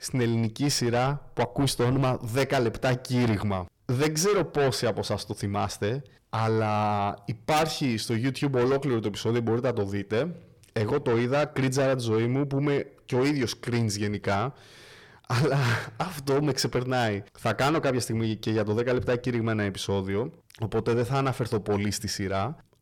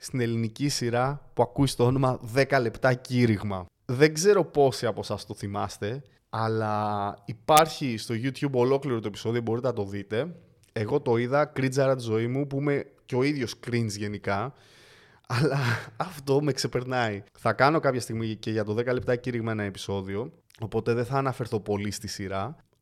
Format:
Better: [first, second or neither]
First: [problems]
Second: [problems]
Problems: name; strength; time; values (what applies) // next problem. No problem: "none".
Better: second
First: distortion; heavy; 7 dB below the speech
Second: none